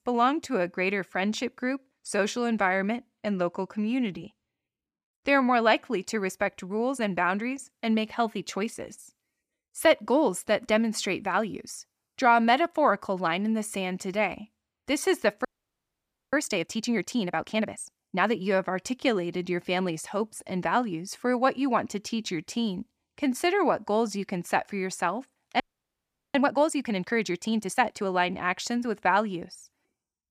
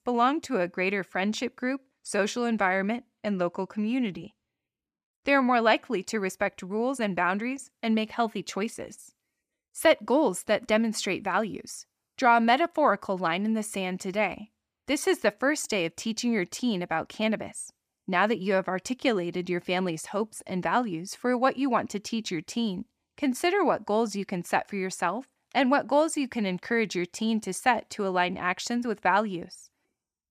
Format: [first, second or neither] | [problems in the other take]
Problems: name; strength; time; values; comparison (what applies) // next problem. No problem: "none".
second | audio freezing; at 15 s for 1 s and at 26 s for 0.5 s